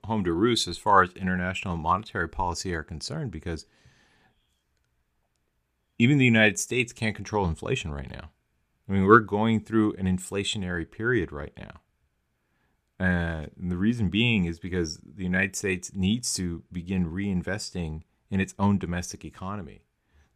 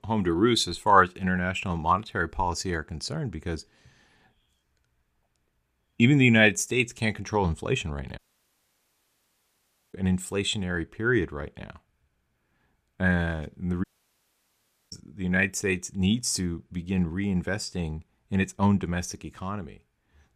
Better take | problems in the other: first | audio cutting out; at 8 s for 2 s and at 14 s for 1 s

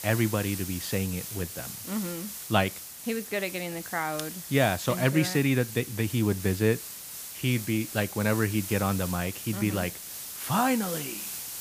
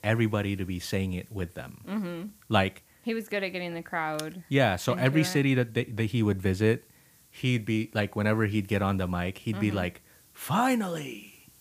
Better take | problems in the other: second | hiss; loud; throughout; 8 dB below the speech; faint in the second

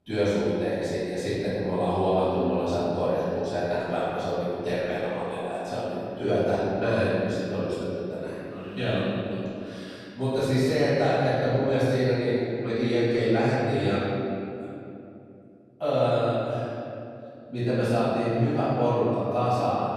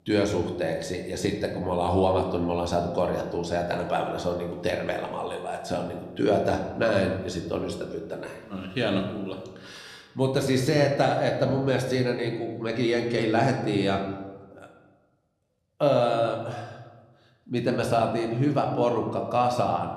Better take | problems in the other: second | room echo; strong; dies away in 2.6 s; slight in the second // off-mic speech; far

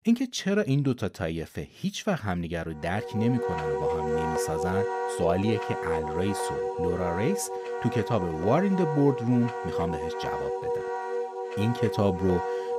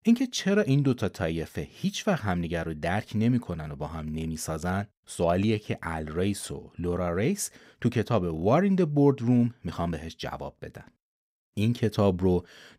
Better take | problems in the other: second | background music; loud; from 3 s on; 2 dB below the speech

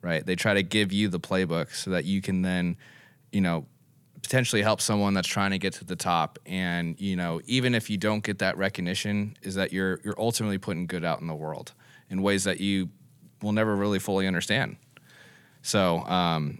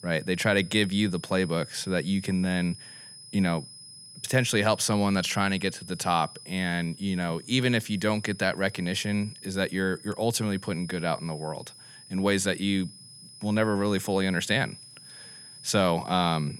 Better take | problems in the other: first | high-pitched whine; noticeable; throughout; 5 kHz, 20 dB below the speech

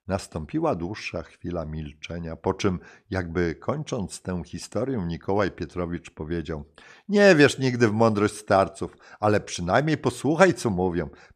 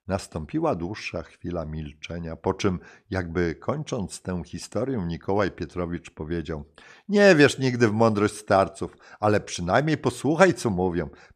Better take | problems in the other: neither | none

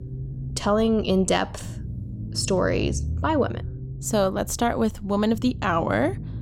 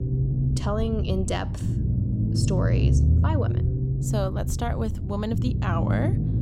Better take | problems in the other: first | low rumble; loud; throughout; 5 dB below the speech; faint in the first

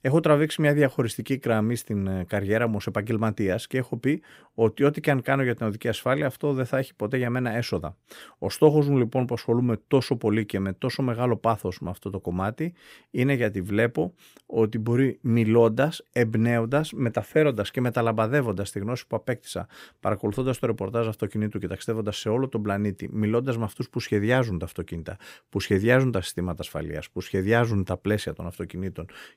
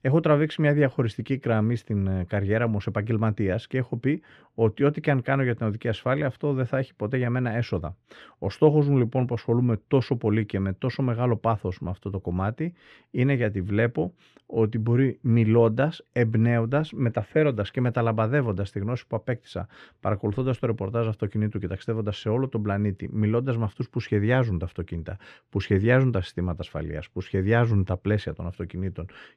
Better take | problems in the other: first | muffled; very slightly; fading above 3.5 kHz

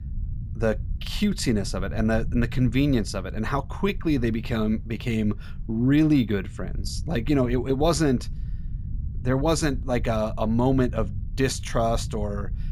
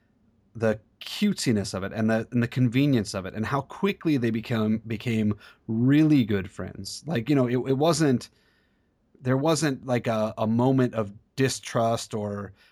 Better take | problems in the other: second | low rumble; faint; throughout; 20 dB below the speech

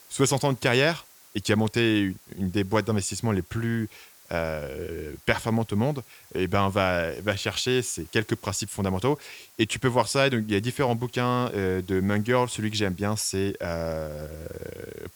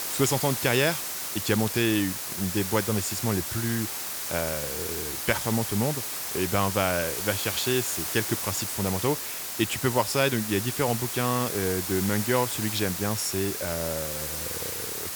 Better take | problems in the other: first | hiss; loud; throughout; 2 dB below the speech; faint in the first

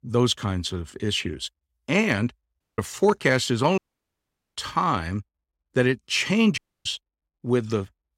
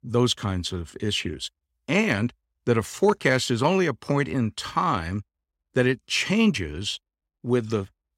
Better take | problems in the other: second | audio cutting out; at 2.5 s, at 4 s for 1 s and at 6.5 s

